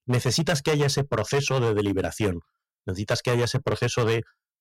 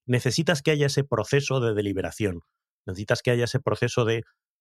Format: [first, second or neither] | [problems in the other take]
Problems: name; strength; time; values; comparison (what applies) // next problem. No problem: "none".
second | distortion; heavy; 10% of the sound clipped